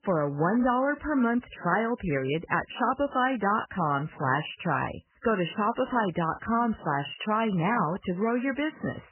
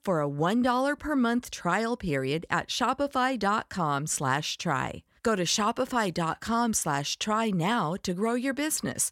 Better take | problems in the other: second | garbled, watery; badly; nothing above 3 kHz

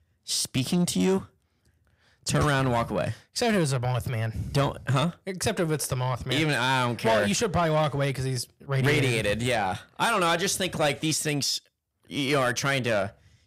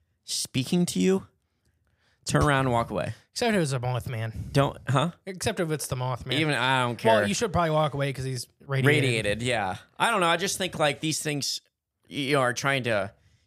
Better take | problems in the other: second | distortion; slight; 10 dB below the speech

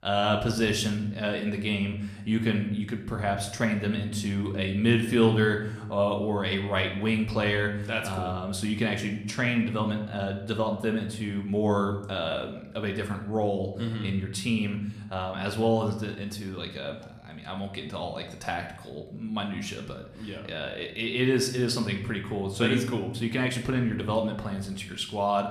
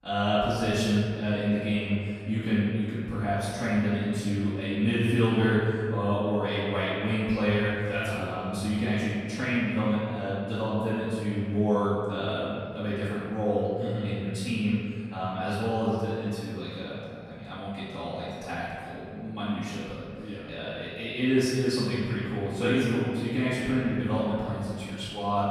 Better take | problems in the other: first | room echo; strong; dies away in 2.3 s; slight in the first // off-mic speech; far

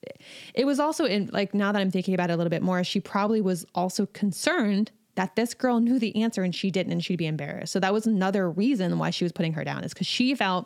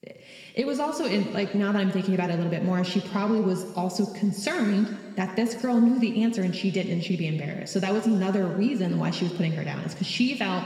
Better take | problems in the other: first | room echo; noticeable; dies away in 1.7 s // off-mic speech; somewhat distant

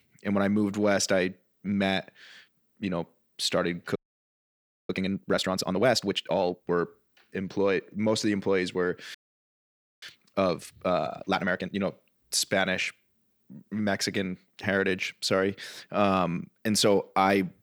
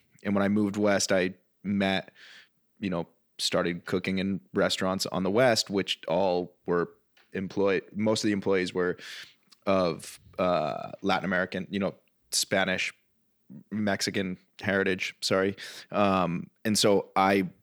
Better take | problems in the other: second | audio freezing; at 4 s for 1 s and at 9 s for 1 s

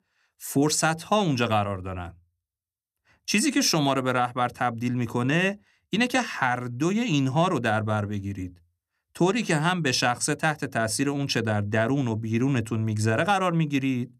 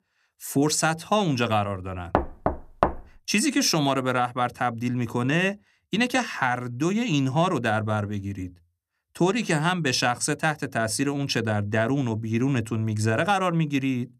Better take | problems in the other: first | door banging; noticeable; at 2 s; peak 2 dB below the speech

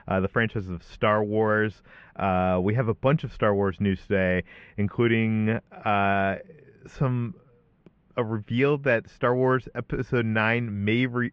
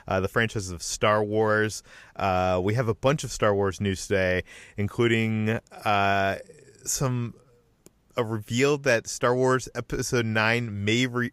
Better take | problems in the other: second | muffled; very; fading above 3 kHz

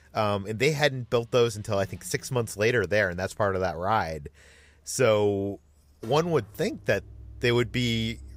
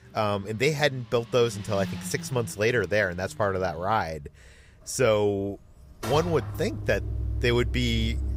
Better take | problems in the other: first | traffic noise; loud; throughout; 9 dB below the speech; faint in the first

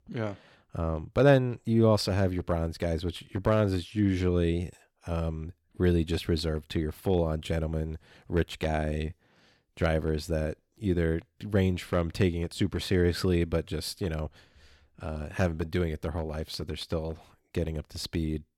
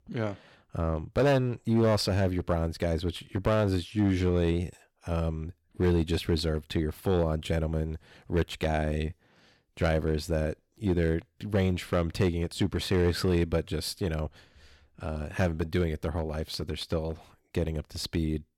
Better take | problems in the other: first | distortion; slight; 4% of the sound clipped

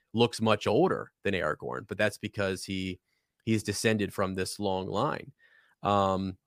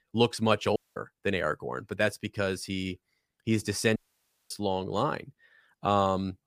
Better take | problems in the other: first | audio cutting out; at 1 s and at 4 s for 0.5 s

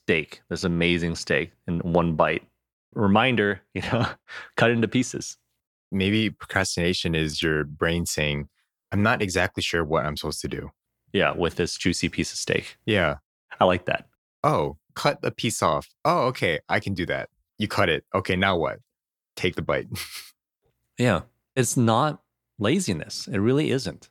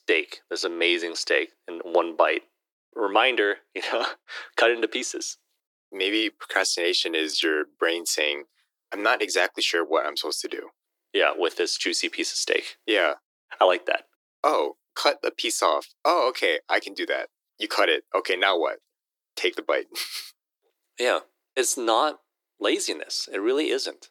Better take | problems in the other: first | thin; very; fading below 300 Hz

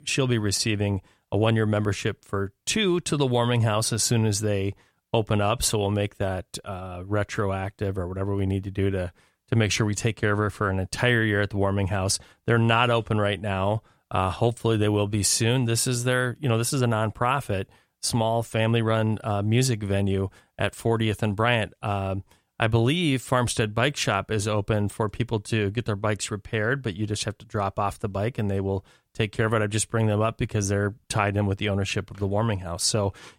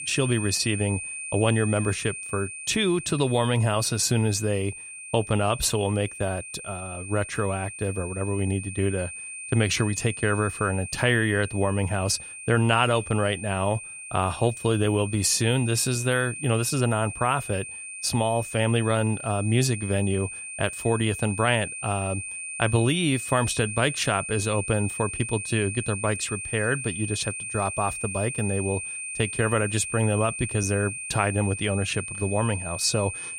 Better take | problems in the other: first | high-pitched whine; loud; throughout; 2.5 kHz, 8 dB below the speech

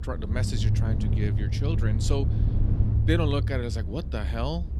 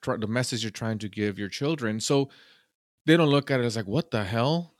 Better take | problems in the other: second | low rumble; loud; throughout; 6 dB below the speech

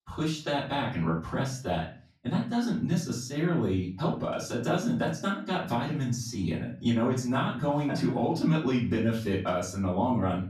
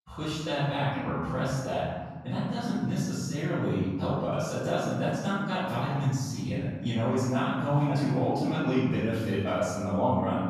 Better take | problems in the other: first | room echo; strong; dies away in 1.3 s; slight in the first // off-mic speech; far; far in the first

